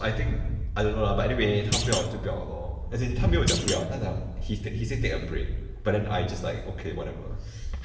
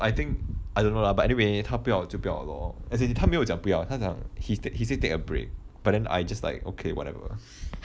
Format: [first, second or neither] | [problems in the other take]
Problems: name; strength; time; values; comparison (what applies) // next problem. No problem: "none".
second | background sound (Thump, thud); 6 dB below the speech // room echo; dies away in 1.1 s